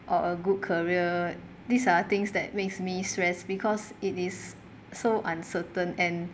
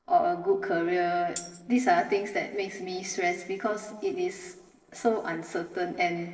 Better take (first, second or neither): first